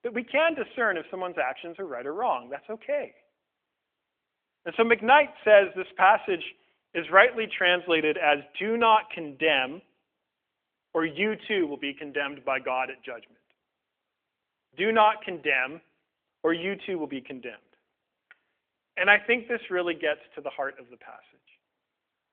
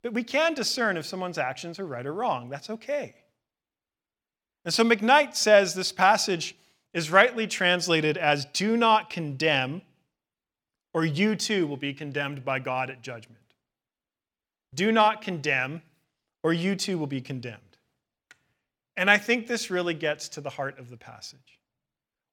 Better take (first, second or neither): second